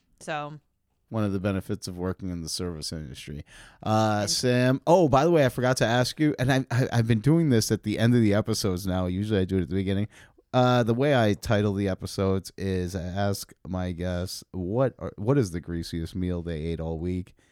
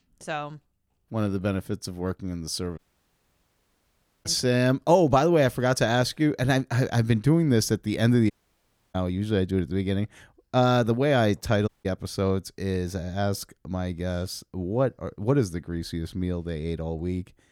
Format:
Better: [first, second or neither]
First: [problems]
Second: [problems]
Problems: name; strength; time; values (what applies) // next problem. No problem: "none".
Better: first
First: none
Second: audio cutting out; at 3 s for 1.5 s, at 8.5 s for 0.5 s and at 12 s